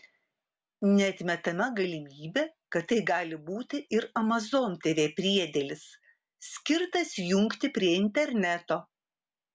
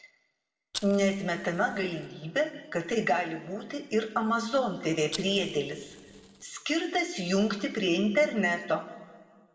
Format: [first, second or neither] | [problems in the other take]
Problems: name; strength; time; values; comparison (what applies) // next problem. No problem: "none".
first | background sound (Fire); 15 dB below the speech // room echo; dies away in 1.2 s